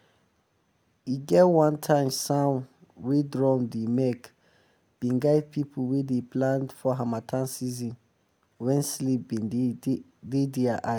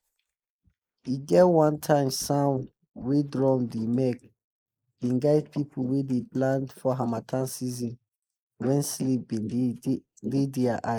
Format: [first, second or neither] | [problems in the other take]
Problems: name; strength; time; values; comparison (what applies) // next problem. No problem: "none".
first | noise reduction (neural mask model Resemble Enhance denoiser)